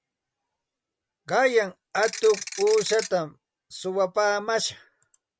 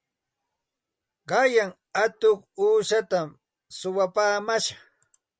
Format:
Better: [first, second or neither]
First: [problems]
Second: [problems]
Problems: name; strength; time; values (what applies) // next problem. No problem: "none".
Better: second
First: background sound (Ratchet, pawl / Percussion); 9 dB below the speech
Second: none